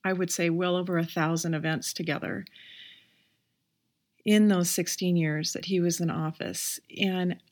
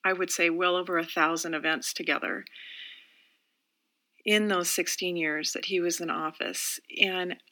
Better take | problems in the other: first | thin; somewhat; fading below 250 Hz

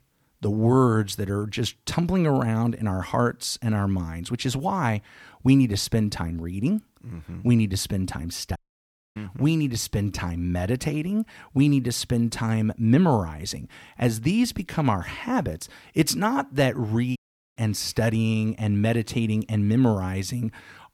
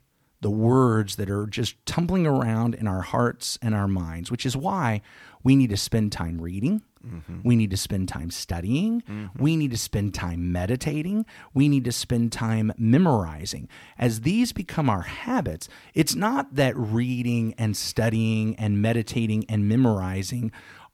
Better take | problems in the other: second | audio cutting out; at 8.5 s for 0.5 s and at 17 s

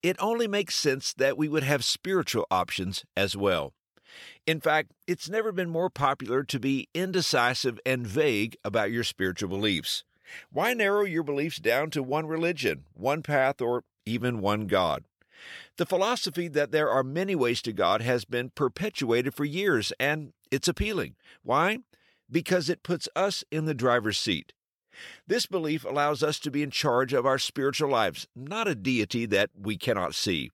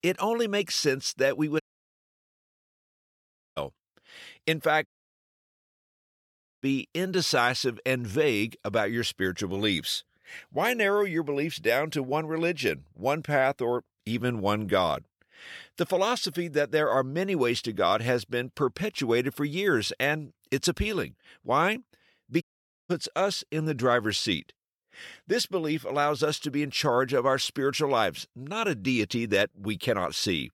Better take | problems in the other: first | audio cutting out; at 1.5 s for 2 s, at 5 s for 2 s and at 22 s

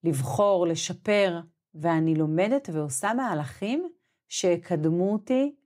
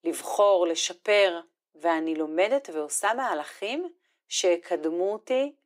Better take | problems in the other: first | thin; very; fading below 350 Hz

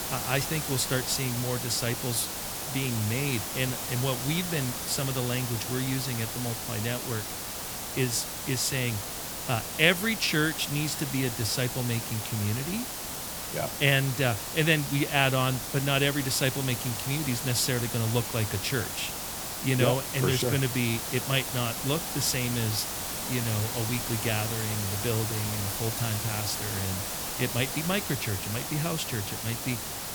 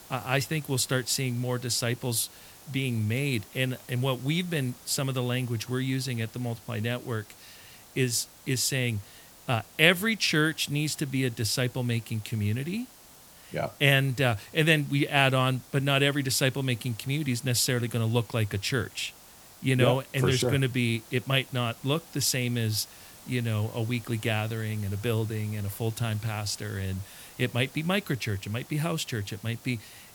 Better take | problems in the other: second | hiss; loud; throughout; 3 dB below the speech; faint in the second

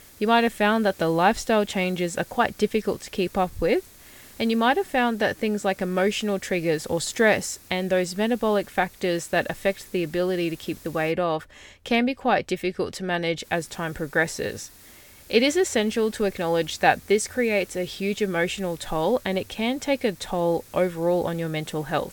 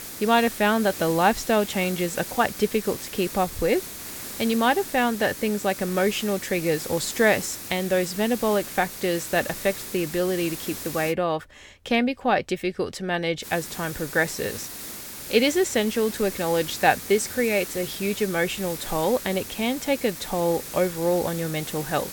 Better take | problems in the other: first | hiss; loud; until 11 s and from 13 s on; 10 dB below the speech; faint in the first

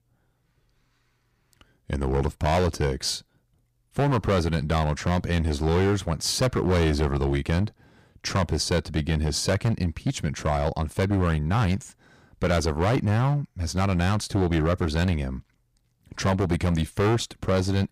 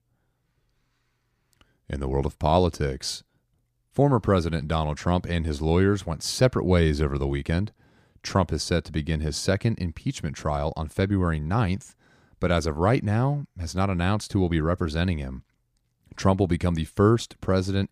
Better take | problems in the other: second | distortion; heavy; 12% of the sound clipped

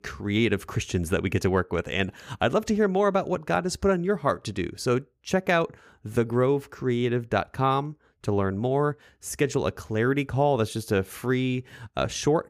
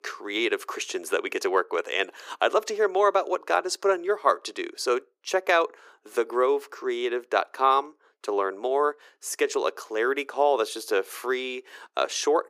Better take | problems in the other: first | thin; very; fading below 350 Hz

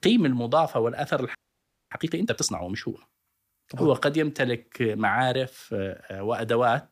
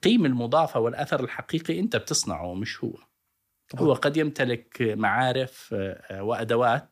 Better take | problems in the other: second | audio freezing; at 1.5 s for 0.5 s

